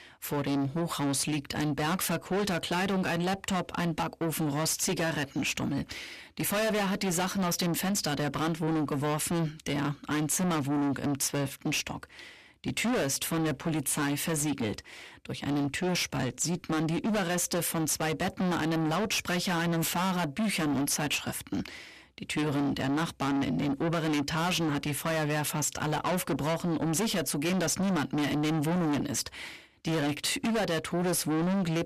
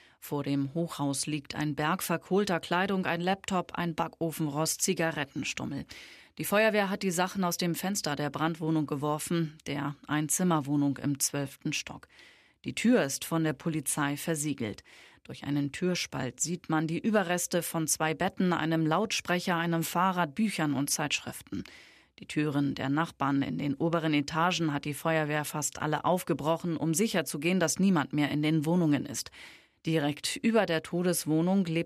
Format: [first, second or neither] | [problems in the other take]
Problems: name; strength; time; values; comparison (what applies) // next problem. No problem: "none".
second | distortion; heavy; 6 dB below the speech